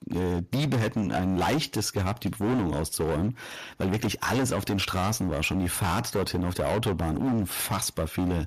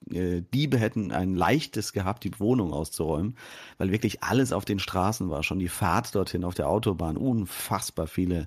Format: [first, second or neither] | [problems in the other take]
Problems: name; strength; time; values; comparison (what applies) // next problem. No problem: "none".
second | distortion; heavy; 20% of the sound clipped